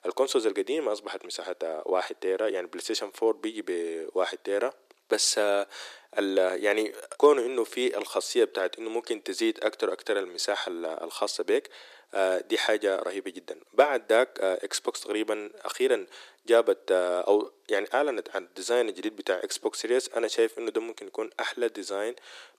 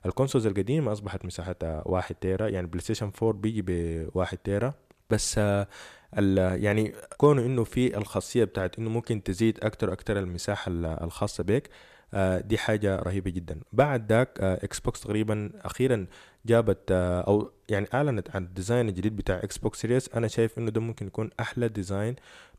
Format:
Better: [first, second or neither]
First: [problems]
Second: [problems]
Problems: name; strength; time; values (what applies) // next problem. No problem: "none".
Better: second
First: thin; very; fading below 350 Hz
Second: none